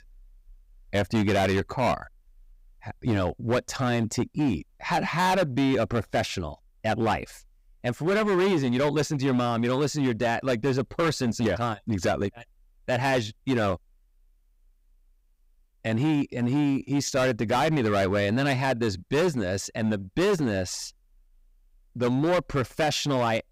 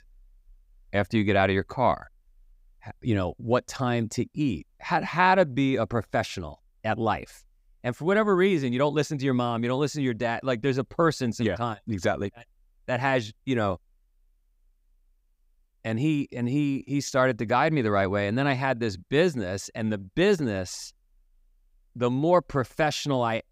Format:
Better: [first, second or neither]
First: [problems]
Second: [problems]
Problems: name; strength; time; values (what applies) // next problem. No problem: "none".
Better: second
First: distortion; heavy; 11% of the sound clipped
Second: none